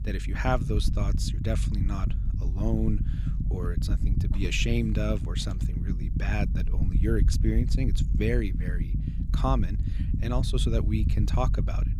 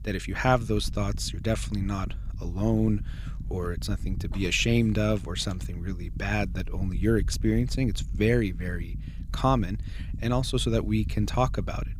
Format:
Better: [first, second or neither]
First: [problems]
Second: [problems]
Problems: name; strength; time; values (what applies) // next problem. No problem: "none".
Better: second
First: low rumble; loud; throughout; 9 dB below the speech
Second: low rumble; faint; throughout; 20 dB below the speech